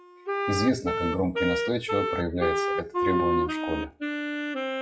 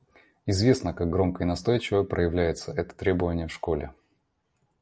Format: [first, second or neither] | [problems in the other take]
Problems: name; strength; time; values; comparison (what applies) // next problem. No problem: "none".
second | noise reduction (classical method WPE with log-MMSE)